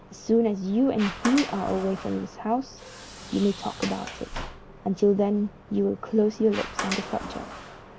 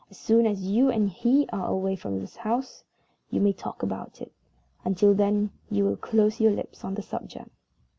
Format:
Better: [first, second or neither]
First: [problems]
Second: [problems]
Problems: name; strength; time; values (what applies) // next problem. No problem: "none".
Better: second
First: background sound (Sliding door); 11 dB below the speech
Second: none